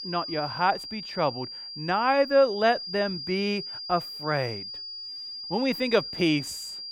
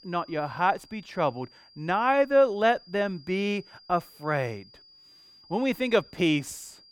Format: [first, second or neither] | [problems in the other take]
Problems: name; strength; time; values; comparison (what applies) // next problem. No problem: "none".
second | high-pitched whine; loud; throughout; 5 kHz, 8 dB below the speech; faint in the second